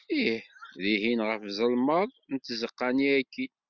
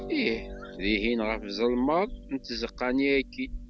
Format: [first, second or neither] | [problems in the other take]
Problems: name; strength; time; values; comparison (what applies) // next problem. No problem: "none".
first | background sound (Harp); 12 dB below the speech